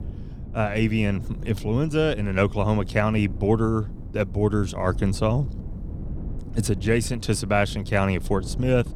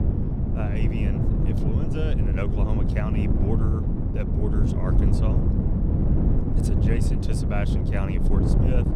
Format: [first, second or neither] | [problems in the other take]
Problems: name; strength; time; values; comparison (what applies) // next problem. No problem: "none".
first | wind noise on the microphone; heavy; 2 dB above the speech; occasional gusts in the first